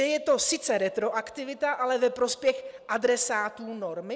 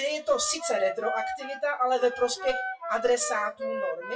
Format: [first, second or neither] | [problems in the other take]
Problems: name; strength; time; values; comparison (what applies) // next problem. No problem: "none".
first | noise reduction (classical method WPE with log-MMSE)